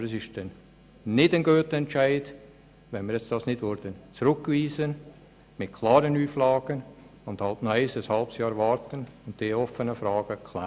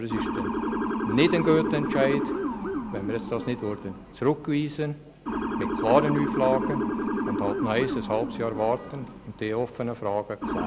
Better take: first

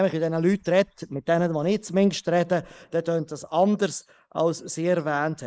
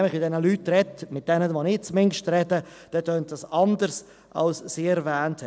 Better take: second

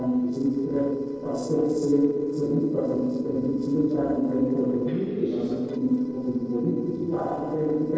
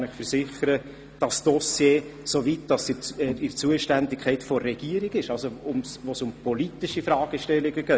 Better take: second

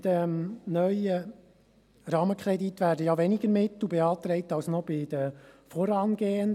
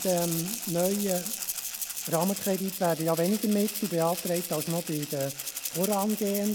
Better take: first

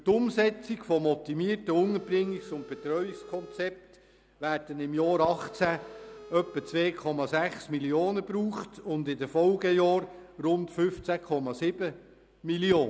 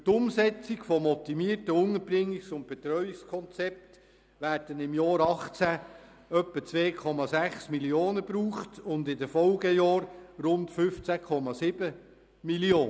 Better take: second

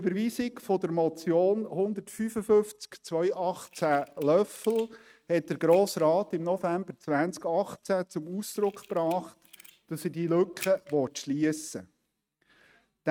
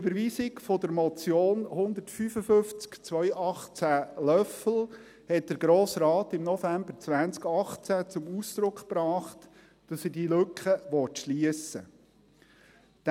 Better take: second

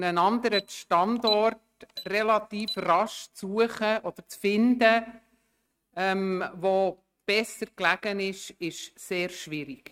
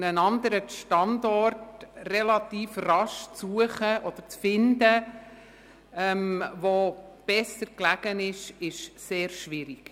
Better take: second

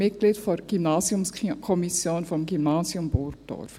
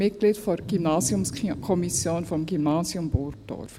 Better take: first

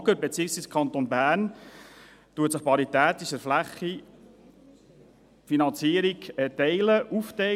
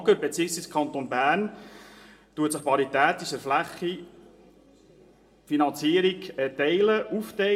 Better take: first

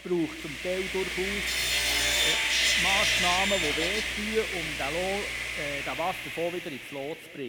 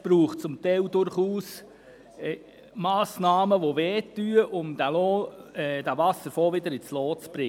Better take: second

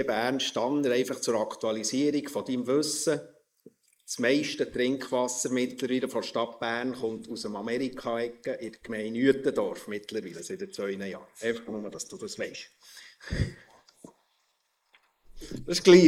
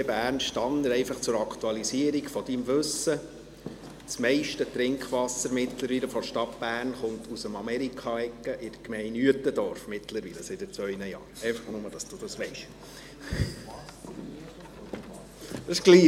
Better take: second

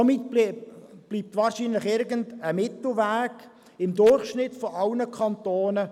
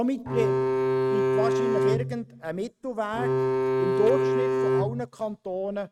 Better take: first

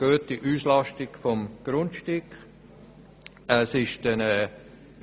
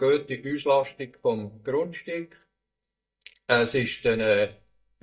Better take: first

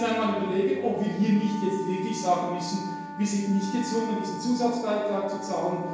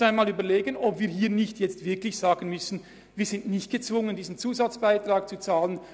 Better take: second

